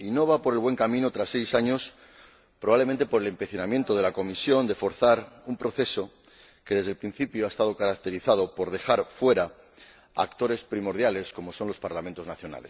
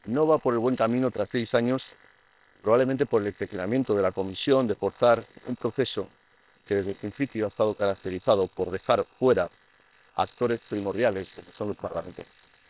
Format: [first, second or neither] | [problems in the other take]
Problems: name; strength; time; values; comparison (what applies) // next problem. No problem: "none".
first | noise reduction (neural separator model SepFormer WHAM!)